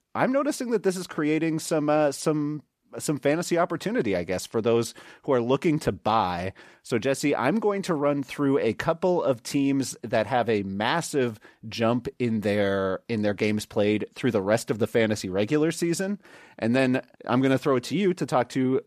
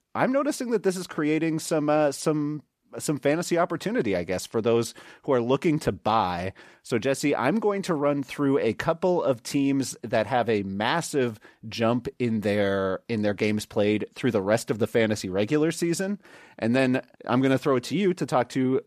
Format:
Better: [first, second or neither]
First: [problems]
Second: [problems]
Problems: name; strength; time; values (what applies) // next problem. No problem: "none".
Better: neither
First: none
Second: none